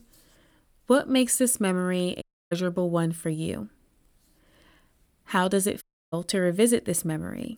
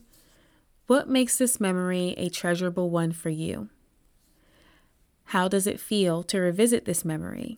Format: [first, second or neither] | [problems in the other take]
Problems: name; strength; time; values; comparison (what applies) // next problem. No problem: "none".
second | audio cutting out; at 2 s and at 6 s